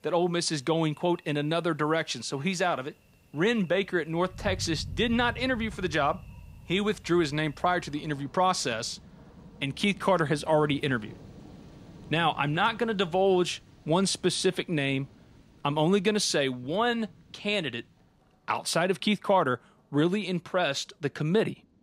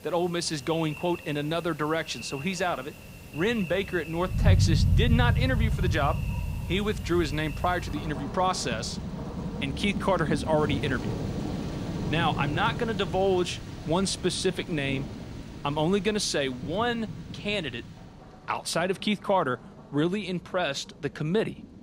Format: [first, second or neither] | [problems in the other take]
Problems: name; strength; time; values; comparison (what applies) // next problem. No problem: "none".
first | rain or running water; loud; throughout; 3 dB below the speech; faint in the first